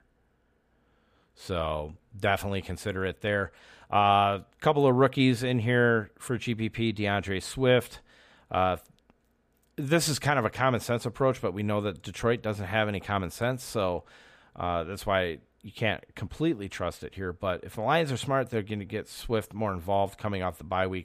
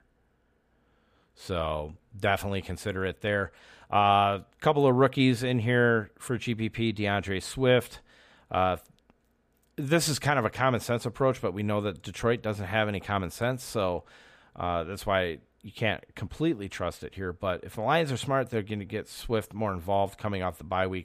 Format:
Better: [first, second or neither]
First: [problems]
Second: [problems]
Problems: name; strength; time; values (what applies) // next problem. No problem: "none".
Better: neither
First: none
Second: none